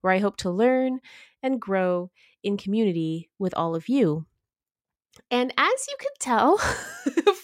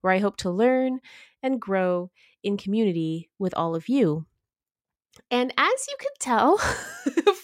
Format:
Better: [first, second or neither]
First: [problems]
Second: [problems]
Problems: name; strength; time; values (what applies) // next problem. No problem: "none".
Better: neither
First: none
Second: none